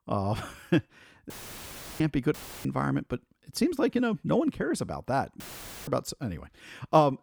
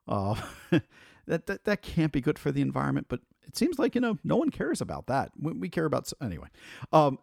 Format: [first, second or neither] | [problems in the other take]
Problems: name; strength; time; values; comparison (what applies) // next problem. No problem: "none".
second | audio cutting out; filled with static; at 1.5 s for 0.5 s, at 2.5 s and at 5.5 s